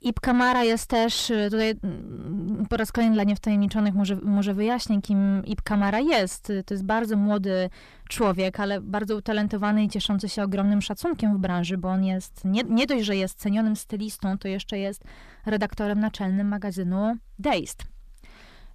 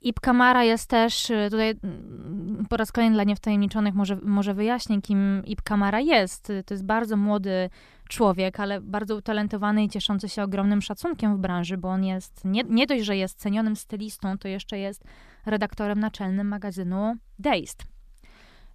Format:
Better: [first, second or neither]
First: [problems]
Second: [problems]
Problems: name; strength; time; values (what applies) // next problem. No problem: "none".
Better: second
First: distortion; slight; 10 dB below the speech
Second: none